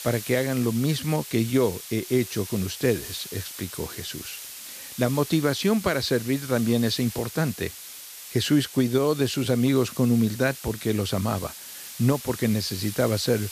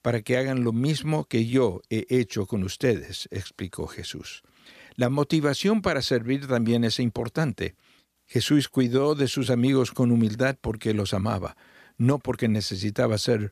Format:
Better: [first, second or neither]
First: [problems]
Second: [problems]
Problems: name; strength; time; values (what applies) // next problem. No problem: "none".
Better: second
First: hiss; noticeable; throughout; 10 dB below the speech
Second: none